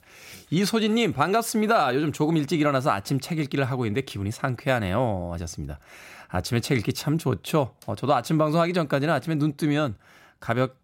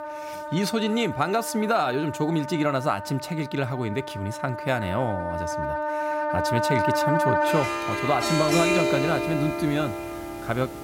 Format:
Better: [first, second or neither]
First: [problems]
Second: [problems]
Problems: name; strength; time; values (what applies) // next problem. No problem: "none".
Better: first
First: none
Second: background music; loud; throughout; 1 dB below the speech